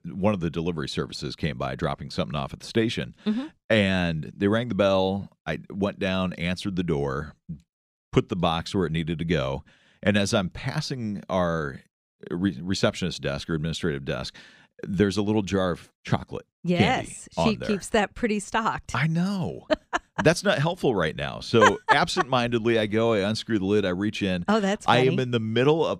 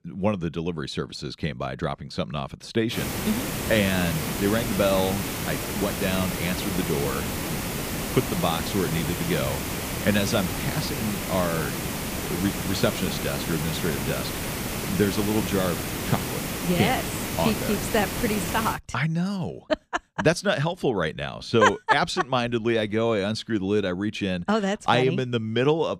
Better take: first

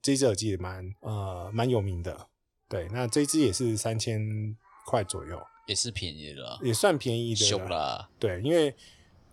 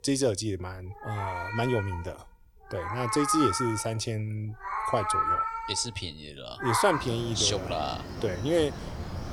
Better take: first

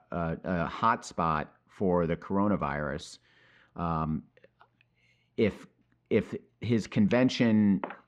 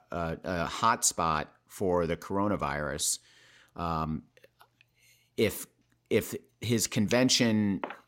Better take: second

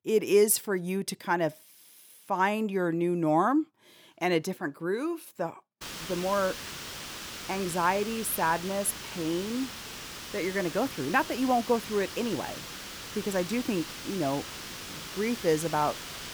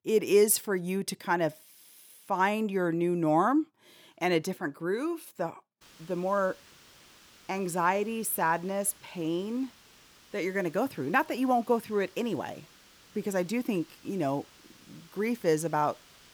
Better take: second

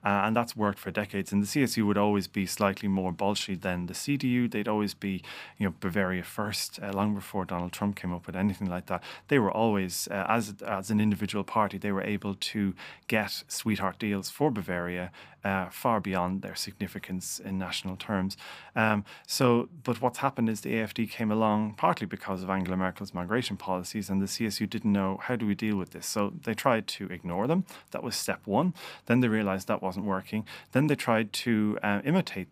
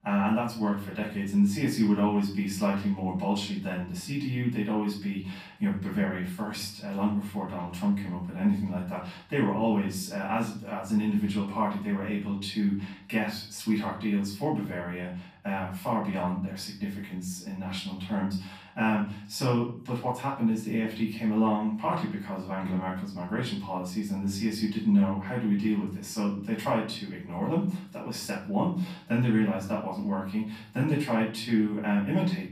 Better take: first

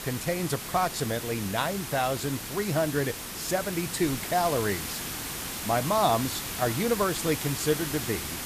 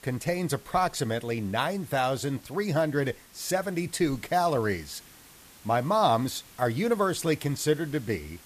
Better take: second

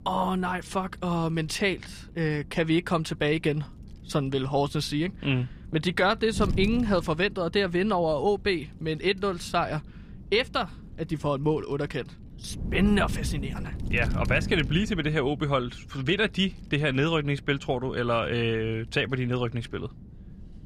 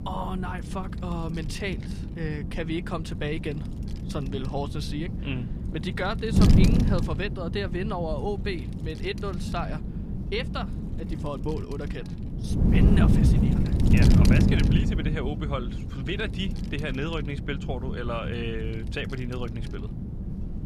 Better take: first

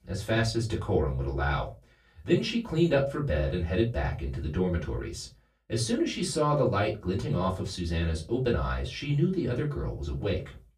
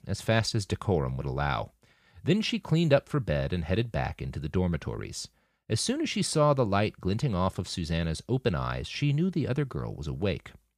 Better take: second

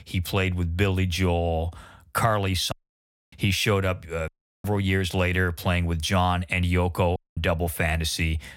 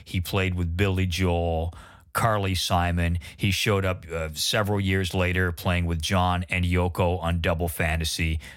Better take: second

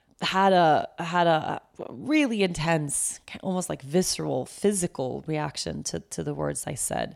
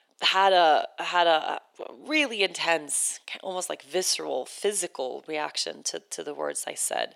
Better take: first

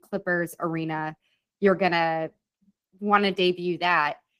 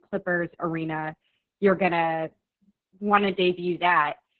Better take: first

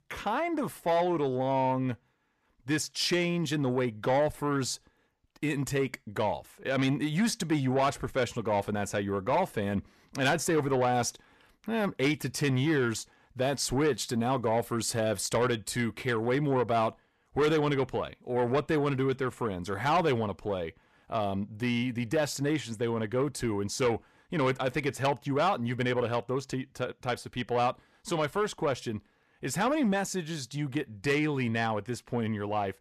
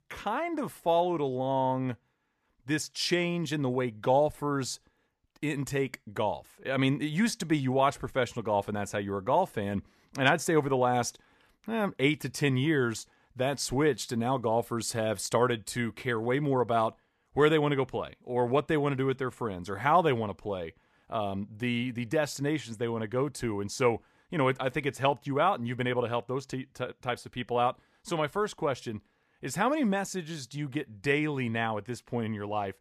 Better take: second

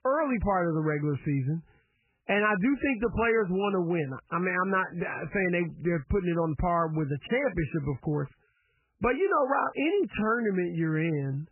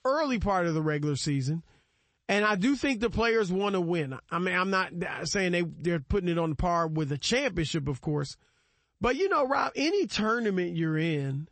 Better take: second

